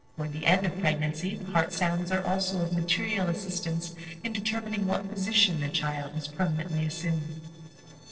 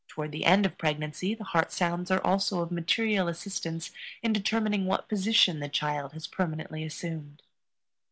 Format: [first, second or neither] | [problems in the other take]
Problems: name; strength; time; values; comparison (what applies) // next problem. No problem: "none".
second | noise reduction (neural separator model SepFormer DNS4)